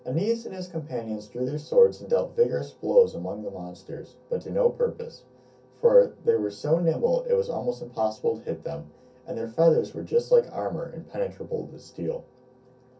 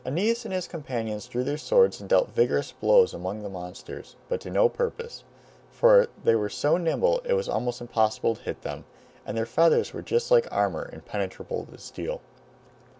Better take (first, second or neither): second